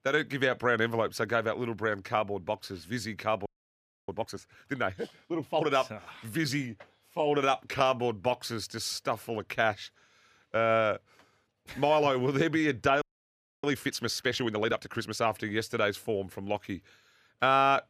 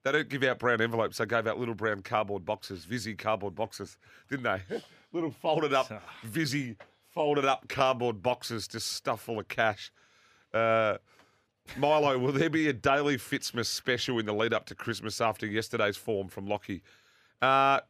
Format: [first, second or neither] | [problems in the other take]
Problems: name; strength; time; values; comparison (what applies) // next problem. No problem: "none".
second | audio freezing; at 3.5 s for 0.5 s and at 13 s for 0.5 s